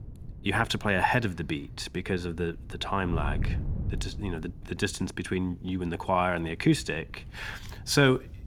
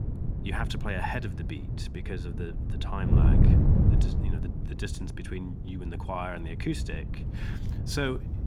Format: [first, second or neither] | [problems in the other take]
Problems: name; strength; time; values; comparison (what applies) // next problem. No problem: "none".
first | wind noise on the microphone; heavy; 4 dB below the speech; occasional gusts in the first